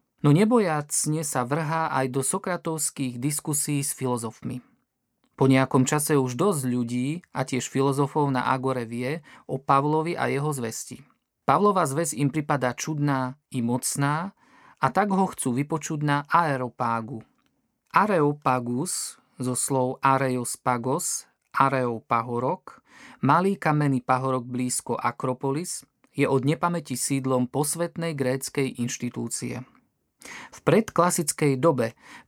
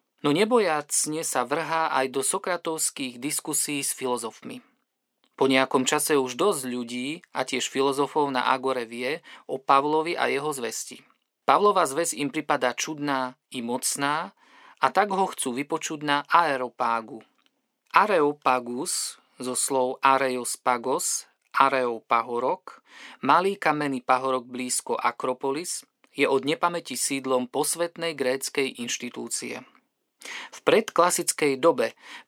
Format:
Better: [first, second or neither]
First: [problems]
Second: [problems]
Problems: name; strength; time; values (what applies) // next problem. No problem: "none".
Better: first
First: none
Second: thin; somewhat; fading below 400 Hz